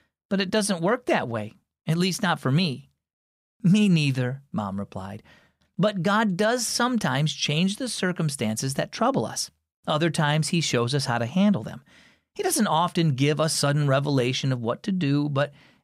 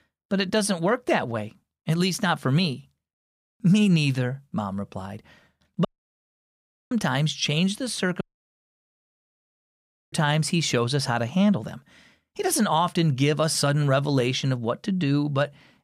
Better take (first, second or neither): first